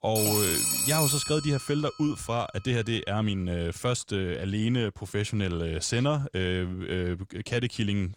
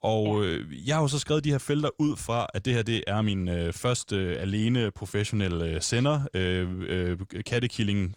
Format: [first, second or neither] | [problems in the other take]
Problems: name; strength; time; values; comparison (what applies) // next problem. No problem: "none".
second | phone ringing; loud; until 1.5 s; peak 5 dB above the speech